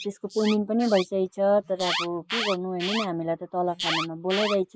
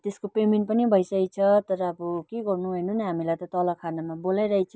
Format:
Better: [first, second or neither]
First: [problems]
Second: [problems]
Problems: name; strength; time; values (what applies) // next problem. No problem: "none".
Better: second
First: noise reduction (neural mask model Resemble Enhance denoiser)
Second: none